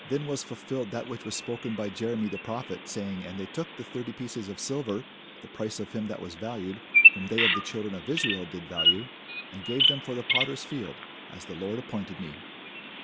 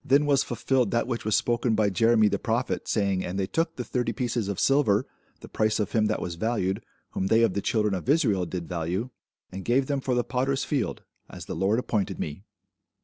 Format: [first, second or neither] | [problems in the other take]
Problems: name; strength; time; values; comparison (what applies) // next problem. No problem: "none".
second | background sound (Bird vocalization, bird call, bird song); 4 dB above the speech